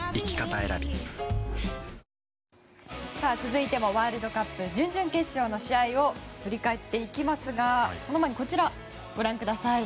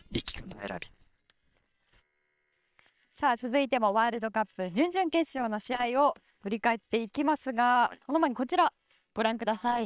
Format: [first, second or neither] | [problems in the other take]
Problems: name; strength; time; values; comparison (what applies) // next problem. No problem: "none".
first | noise reduction (neural separator model SepFormer WHAM!)